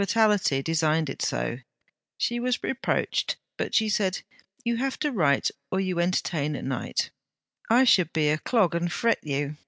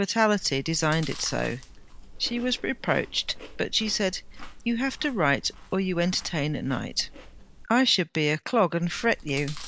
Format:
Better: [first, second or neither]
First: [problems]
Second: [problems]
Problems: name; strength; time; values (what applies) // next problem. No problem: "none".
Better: first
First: none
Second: background sound (Chewing, mastication); 15 dB below the speech